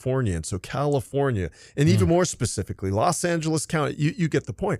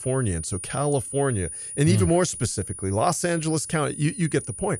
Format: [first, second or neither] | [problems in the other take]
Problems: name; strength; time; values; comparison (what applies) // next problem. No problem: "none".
first | high-pitched whine; loud; throughout; 9.5 kHz, 9 dB below the speech